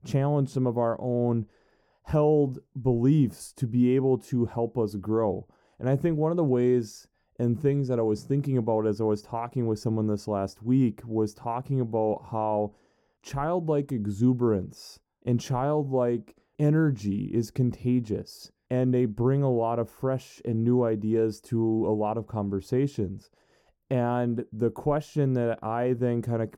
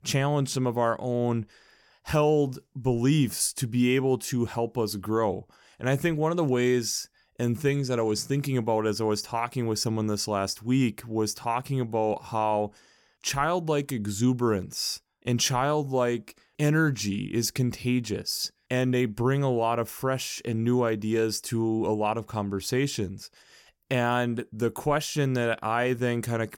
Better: second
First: muffled; slightly; fading above 1 kHz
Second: none

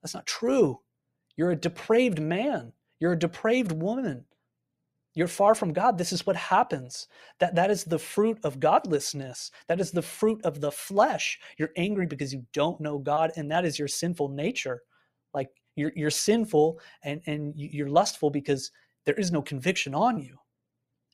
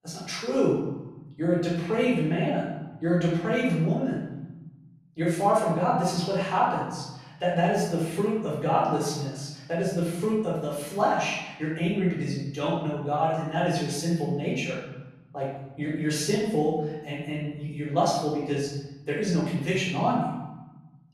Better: first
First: none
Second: room echo; noticeable; dies away in 1.1 s // off-mic speech; far

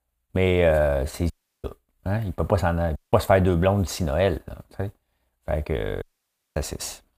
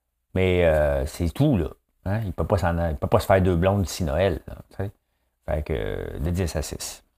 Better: second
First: audio cutting out; at 1.5 s, at 3 s and at 6 s for 0.5 s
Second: none

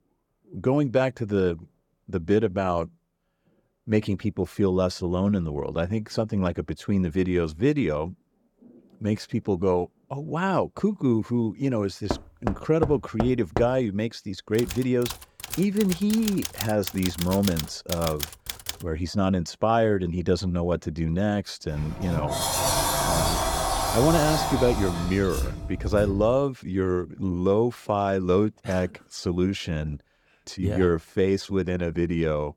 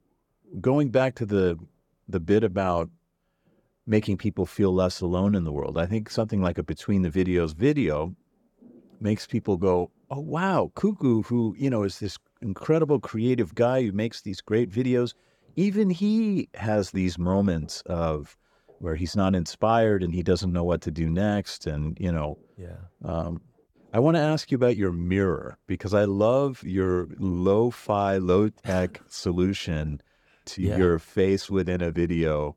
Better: second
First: door banging; noticeable; from 12 to 14 s; peak 5 dB below the speech // keyboard typing; noticeable; from 15 to 19 s; peak 5 dB below the speech // door banging; loud; from 22 to 26 s; peak 3 dB above the speech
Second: none

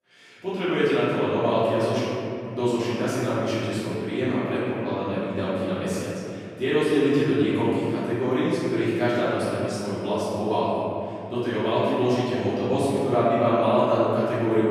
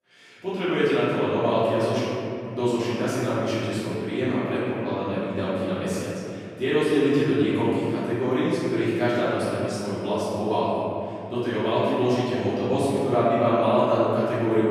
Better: neither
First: off-mic speech; far // room echo; strong; dies away in 2.6 s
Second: off-mic speech; far // room echo; strong; dies away in 2.6 s

